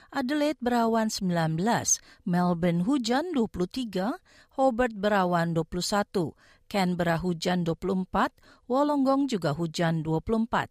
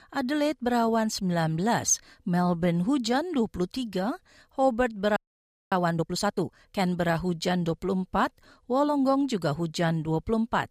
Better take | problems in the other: first | audio freezing; at 5 s for 0.5 s

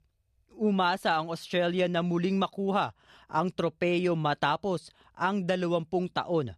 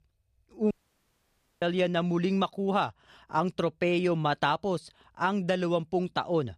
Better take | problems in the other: first | audio cutting out; at 0.5 s for 1 s

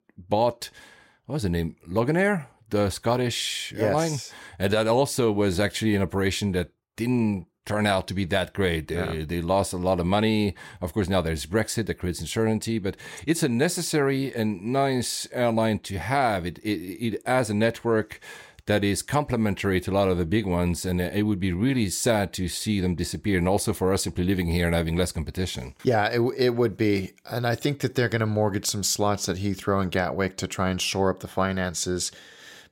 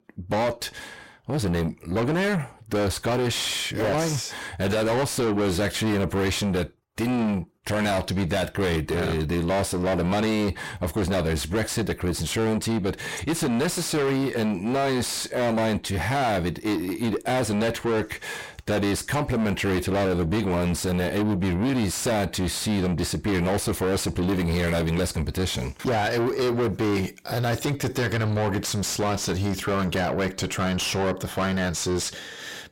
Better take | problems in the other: first | distortion; heavy; 5 dB below the speech

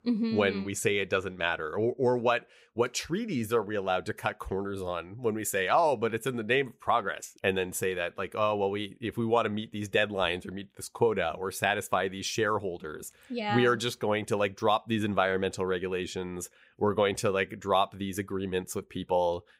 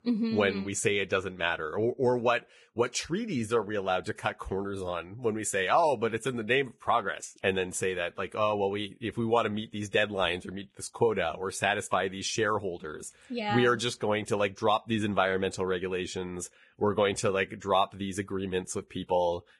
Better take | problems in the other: first | garbled, watery; badly; nothing above 10.5 kHz

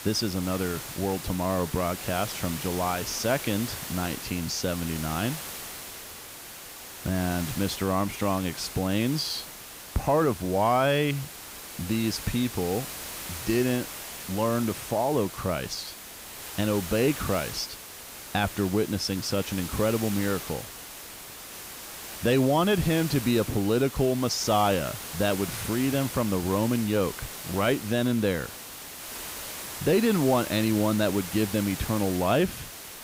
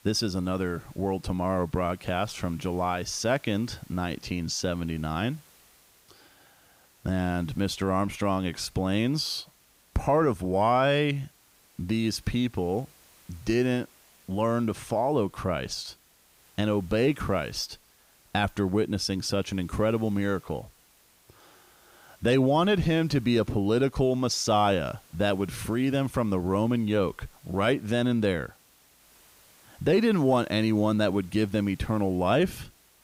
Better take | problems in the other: second | hiss; loud; throughout; 9 dB below the speech; faint in the second

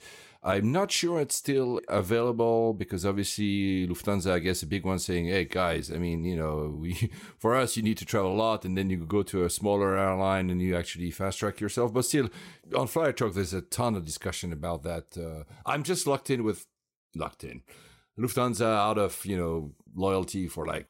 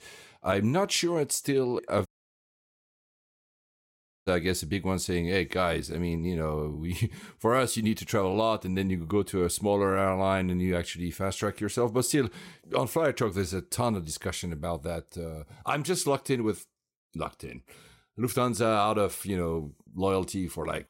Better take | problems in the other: first | audio cutting out; at 2 s for 2 s

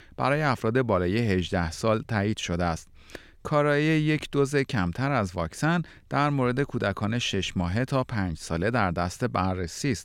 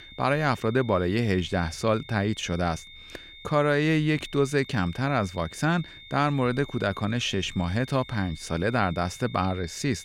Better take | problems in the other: first | high-pitched whine; noticeable; throughout; 3.5 kHz, 20 dB below the speech

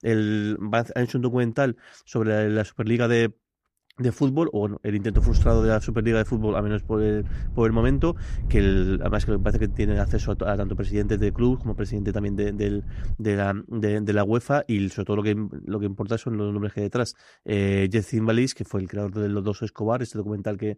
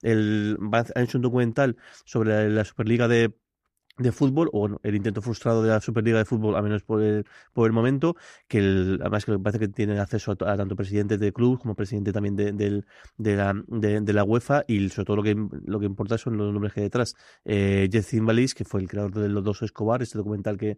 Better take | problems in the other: second | wind noise on the microphone; occasional gusts; from 5 to 13 s; 20 dB below the speech

